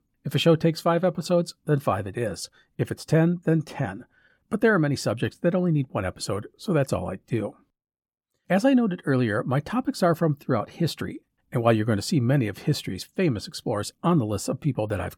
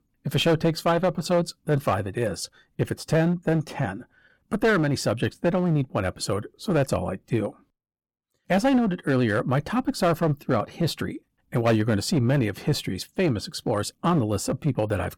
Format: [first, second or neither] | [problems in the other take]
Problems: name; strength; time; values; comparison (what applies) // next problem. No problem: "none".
first | distortion; slight; 8% of the sound clipped